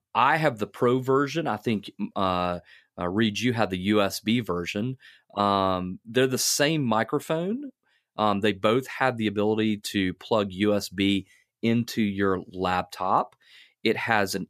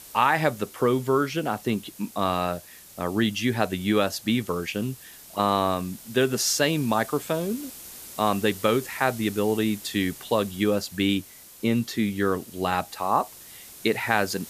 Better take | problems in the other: first | hiss; noticeable; throughout; 15 dB below the speech

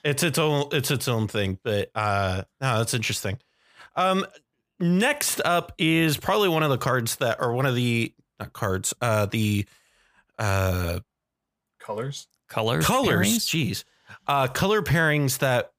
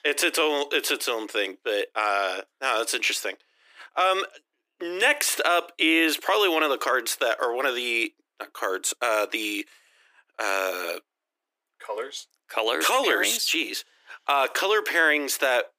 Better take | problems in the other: first | thin; very; fading below 300 Hz

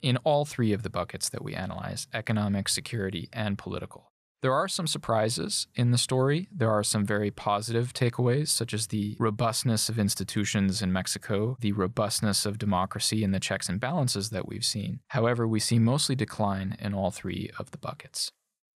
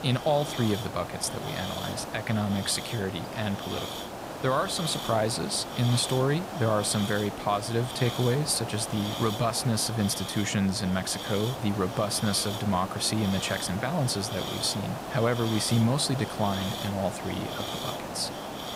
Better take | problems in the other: first | hiss; loud; throughout; 7 dB below the speech

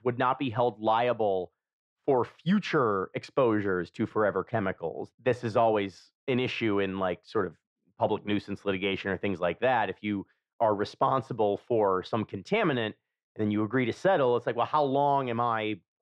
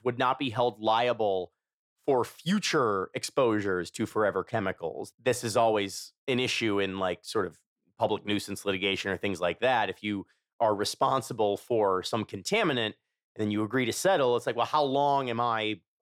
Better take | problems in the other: second | muffled; slightly; fading above 2.5 kHz

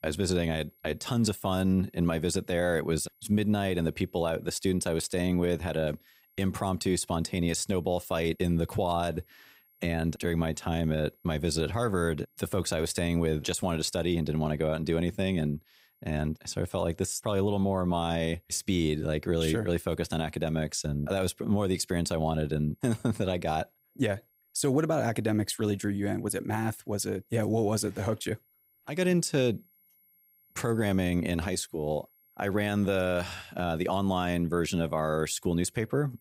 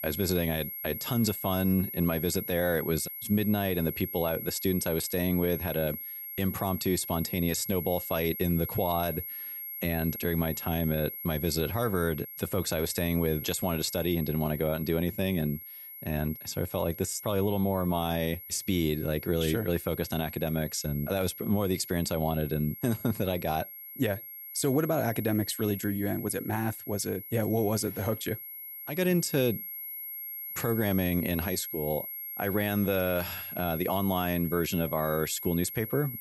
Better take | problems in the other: first | high-pitched whine; loud; throughout; 11.5 kHz, 8 dB below the speech; faint in the first

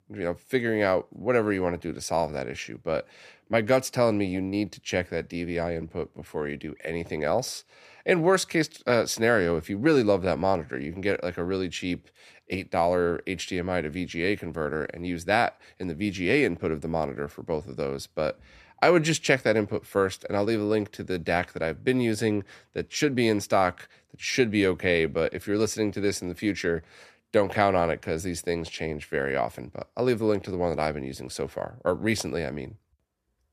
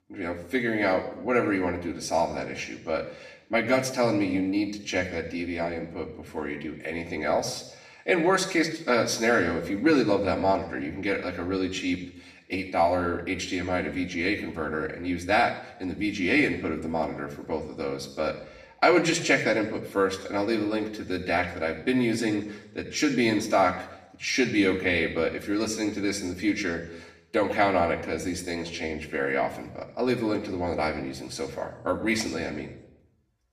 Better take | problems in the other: first | room echo; slight; dies away in 0.7 s // off-mic speech; far

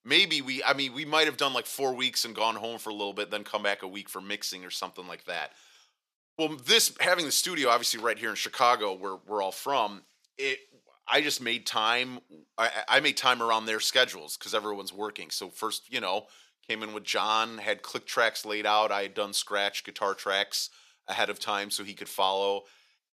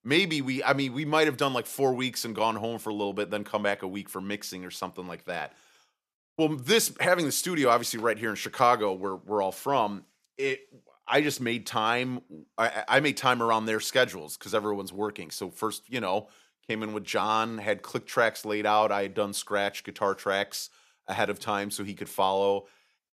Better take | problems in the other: second | thin; very slightly; fading below 1 kHz

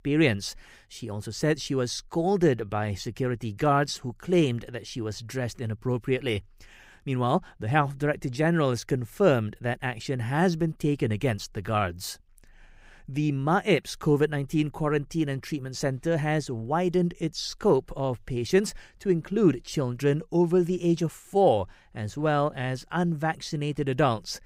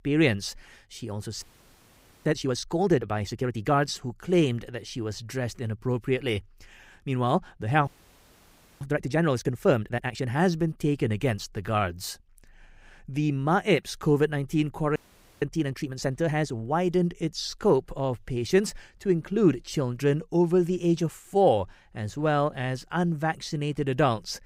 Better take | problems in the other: first | audio freezing; at 1.5 s for 1 s, at 8 s for 1 s and at 15 s

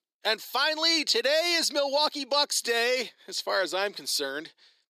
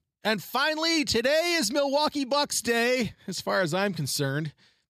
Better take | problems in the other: second | thin; somewhat; fading below 350 Hz

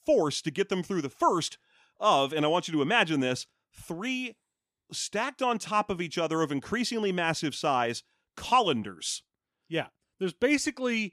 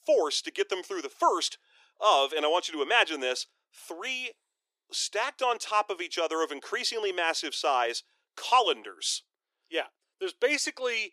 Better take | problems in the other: first | thin; very; fading below 350 Hz

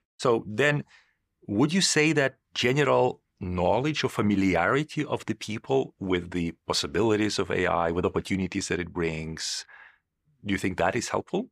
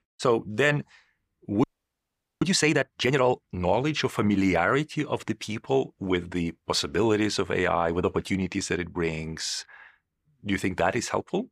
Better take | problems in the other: first | audio freezing; at 1.5 s for 1 s

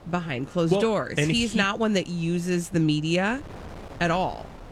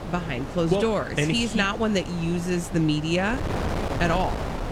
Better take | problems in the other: first | wind noise on the microphone; heavy; 8 dB below the speech; occasional gusts in the first

